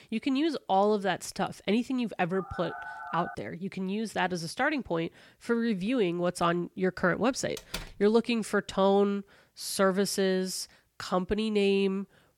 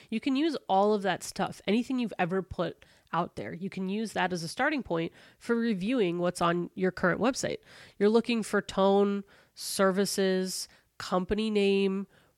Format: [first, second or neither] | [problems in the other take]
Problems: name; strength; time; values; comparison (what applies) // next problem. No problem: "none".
second | phone ringing; faint; at 2.5 s; peak 10 dB below the speech // door banging; faint; at 7.5 s; peak 10 dB below the speech